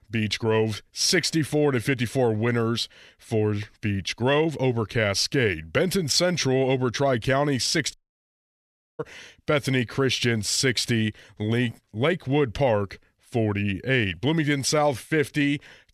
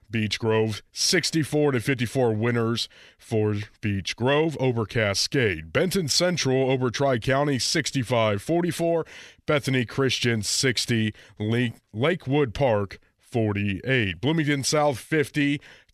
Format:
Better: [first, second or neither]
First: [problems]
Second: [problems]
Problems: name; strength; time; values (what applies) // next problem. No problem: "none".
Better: second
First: audio cutting out; at 8 s for 1 s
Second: none